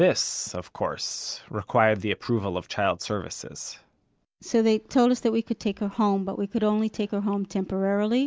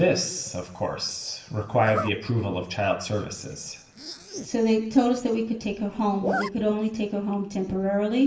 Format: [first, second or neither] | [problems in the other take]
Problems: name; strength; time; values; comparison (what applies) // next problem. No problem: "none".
first | background sound (Zipper (clothing)); 13 dB below the speech // room echo; dies away in 0.9 s